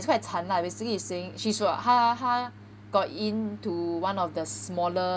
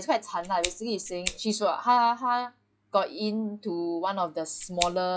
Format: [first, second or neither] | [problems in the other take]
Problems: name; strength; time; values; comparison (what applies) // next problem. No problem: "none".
first | noise reduction (classical method log-MMSE)